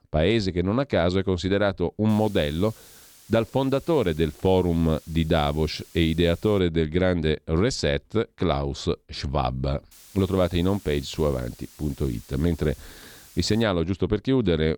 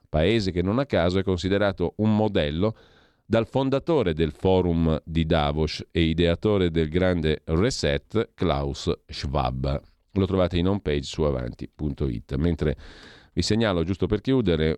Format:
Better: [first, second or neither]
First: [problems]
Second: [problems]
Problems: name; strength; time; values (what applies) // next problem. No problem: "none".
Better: second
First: hiss; faint; from 2 to 6.5 s and from 10 to 14 s; 25 dB below the speech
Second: none